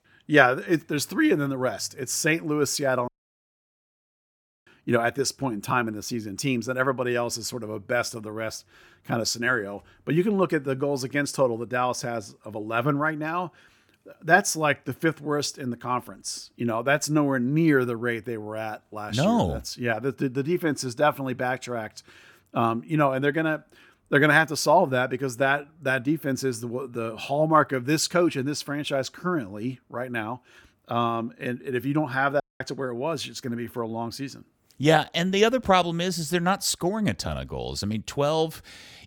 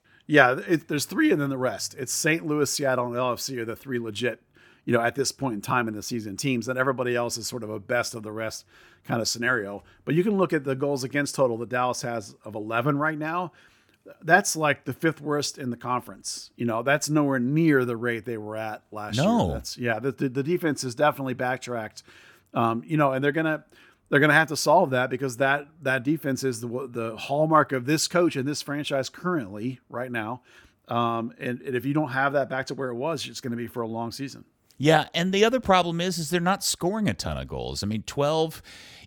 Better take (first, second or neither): second